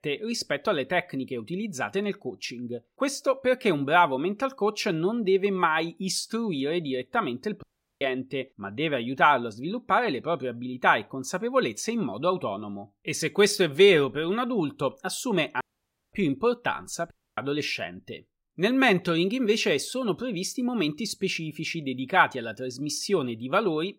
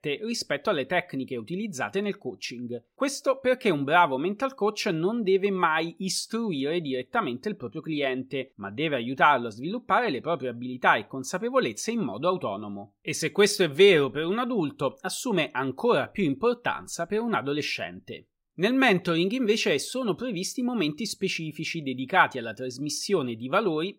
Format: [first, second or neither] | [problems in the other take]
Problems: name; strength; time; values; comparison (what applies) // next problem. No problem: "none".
second | audio cutting out; at 7.5 s, at 16 s for 0.5 s and at 17 s